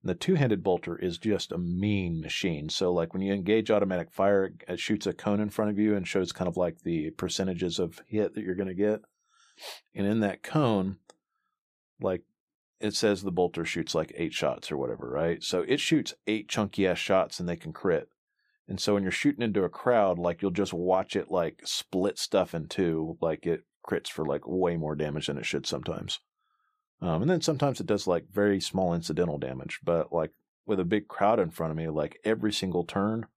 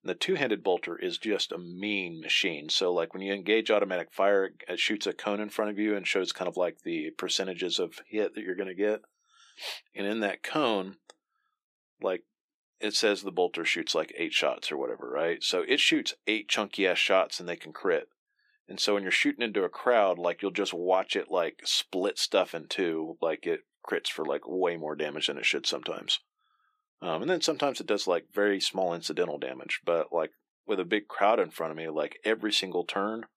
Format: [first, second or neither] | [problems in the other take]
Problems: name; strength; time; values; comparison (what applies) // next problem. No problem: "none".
first | thin; somewhat; fading below 300 Hz